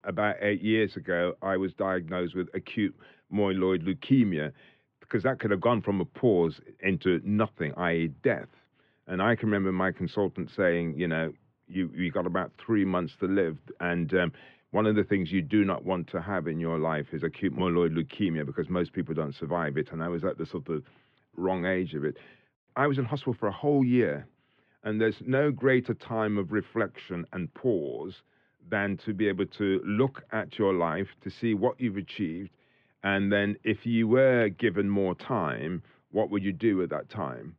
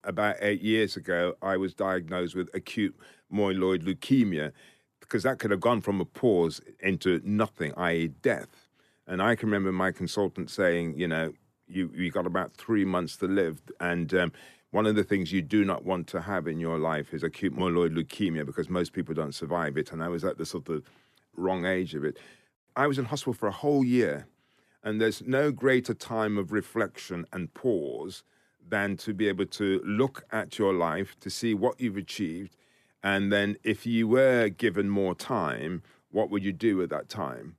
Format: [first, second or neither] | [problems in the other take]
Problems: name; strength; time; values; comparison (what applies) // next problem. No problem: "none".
second | muffled; slightly; fading above 3 kHz